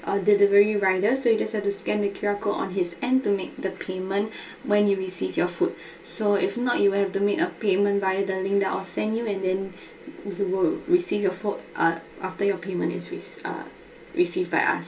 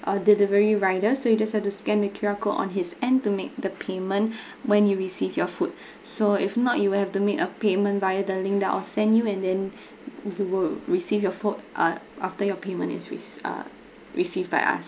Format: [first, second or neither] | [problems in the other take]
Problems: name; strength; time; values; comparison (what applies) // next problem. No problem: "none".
second | room echo; dies away in 0.2 s